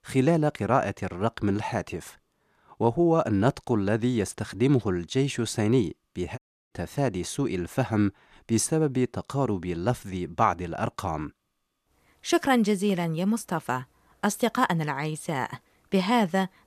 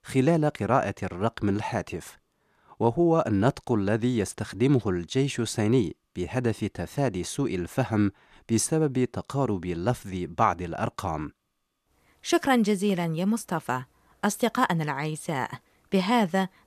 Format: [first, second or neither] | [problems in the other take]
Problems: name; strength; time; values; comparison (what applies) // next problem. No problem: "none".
second | audio cutting out; at 6.5 s